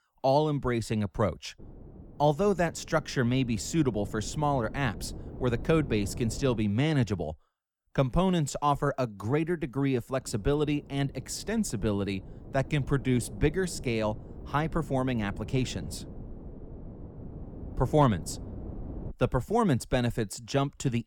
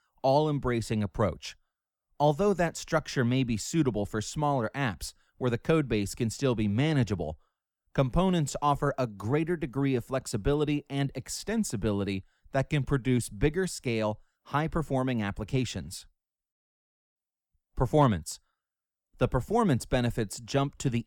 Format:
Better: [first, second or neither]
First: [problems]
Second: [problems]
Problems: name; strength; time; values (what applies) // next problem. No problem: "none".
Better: second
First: wind noise on the microphone; occasional gusts; from 1.5 to 6.5 s and from 10 to 19 s; 20 dB below the speech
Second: none